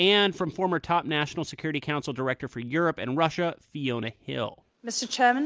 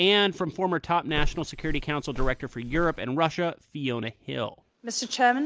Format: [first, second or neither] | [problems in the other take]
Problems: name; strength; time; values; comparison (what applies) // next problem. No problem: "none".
first | background sound (Walk, footsteps); 3 dB below the speech